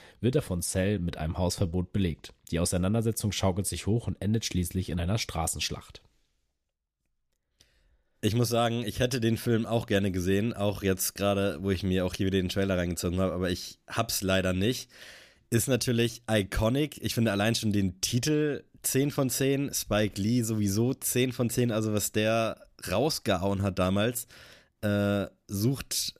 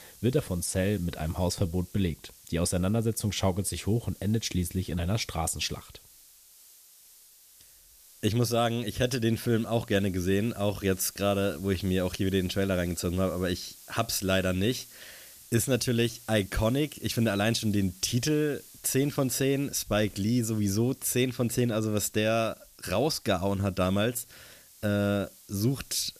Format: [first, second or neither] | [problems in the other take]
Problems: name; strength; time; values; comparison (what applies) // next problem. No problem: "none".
first | hiss; faint; throughout; 20 dB below the speech